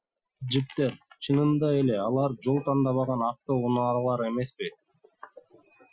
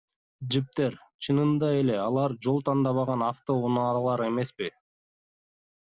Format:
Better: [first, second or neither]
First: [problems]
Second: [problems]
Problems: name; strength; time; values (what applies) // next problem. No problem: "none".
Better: second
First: noise reduction (classical method Wiener filter)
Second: none